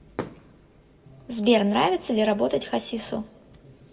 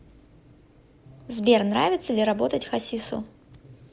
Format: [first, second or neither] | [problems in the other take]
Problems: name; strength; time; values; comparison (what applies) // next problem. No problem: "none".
second | background sound (Fireworks); 18 dB below the speech // room echo; dies away in 1.7 s